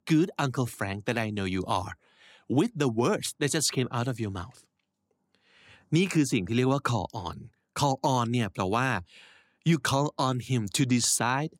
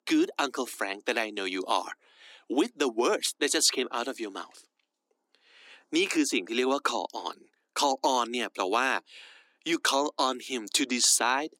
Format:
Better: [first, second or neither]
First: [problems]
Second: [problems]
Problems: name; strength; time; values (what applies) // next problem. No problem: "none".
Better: first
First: none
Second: thin; somewhat; fading below 300 Hz